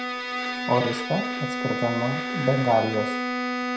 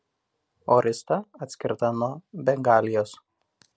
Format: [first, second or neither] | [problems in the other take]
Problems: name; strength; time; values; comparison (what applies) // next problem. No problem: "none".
second | background sound (Bowed string instrument); 2 dB below the speech // room echo; dies away in 0.5 s